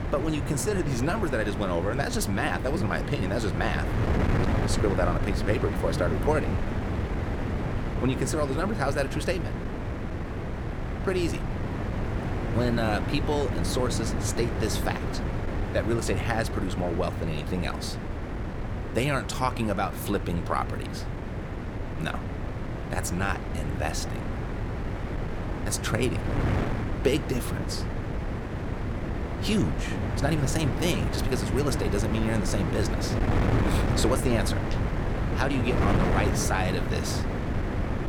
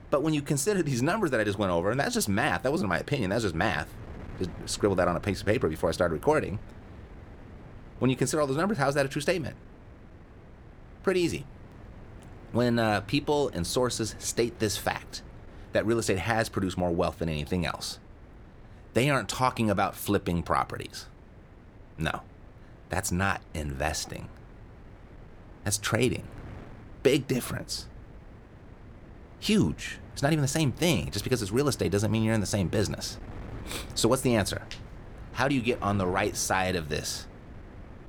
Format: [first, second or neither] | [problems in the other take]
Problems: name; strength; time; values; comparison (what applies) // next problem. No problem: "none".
second | wind noise on the microphone; heavy; 4 dB below the speech; occasional gusts in the second